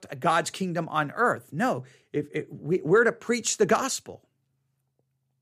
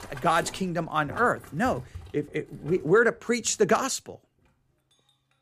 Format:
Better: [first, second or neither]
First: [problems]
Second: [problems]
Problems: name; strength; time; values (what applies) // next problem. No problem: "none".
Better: first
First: none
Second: household noises; noticeable; throughout; 20 dB below the speech